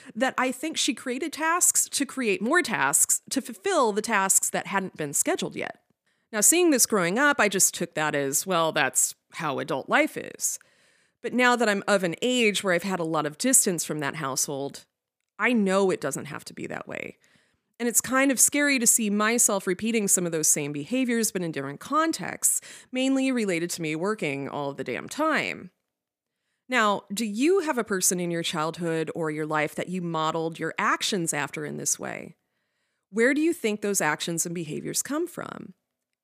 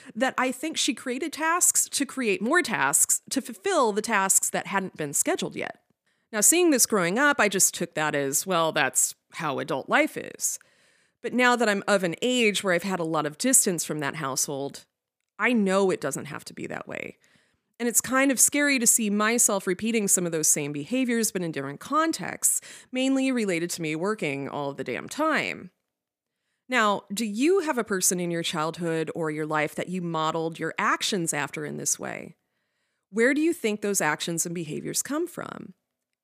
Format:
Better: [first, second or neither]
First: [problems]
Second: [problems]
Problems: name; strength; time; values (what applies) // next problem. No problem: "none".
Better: neither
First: none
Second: none